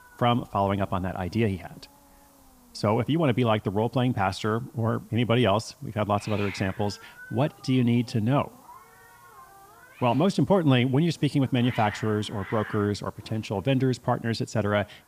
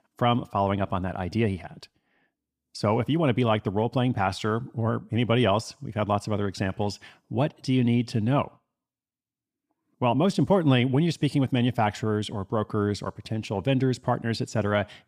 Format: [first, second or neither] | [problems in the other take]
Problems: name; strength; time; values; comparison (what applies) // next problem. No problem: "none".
second | hiss; noticeable; throughout; 20 dB below the speech